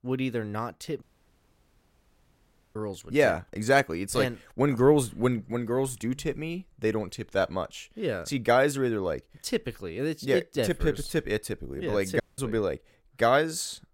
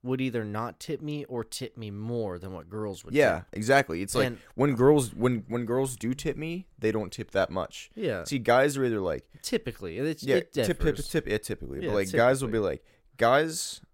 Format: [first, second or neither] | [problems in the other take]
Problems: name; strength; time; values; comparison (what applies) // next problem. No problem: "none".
second | audio cutting out; at 1 s for 1.5 s and at 12 s